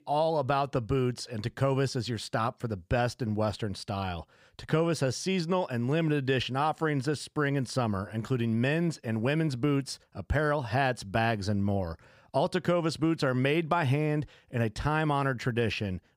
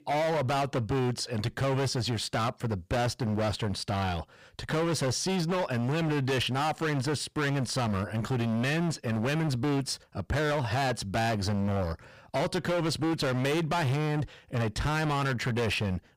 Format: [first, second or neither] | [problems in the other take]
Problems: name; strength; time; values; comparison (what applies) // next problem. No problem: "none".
first | distortion; heavy; 28% of the sound clipped